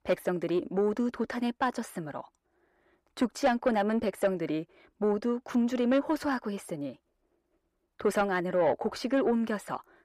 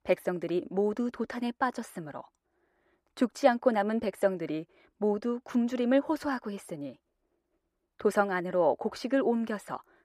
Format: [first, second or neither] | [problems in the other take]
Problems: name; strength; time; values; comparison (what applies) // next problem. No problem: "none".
second | distortion; slight; 10 dB below the speech